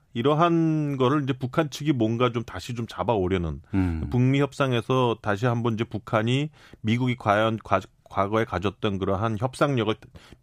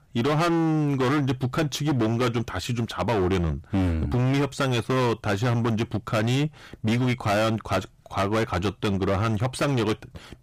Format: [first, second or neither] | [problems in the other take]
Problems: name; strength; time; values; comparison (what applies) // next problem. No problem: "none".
first | distortion; heavy; 23% of the sound clipped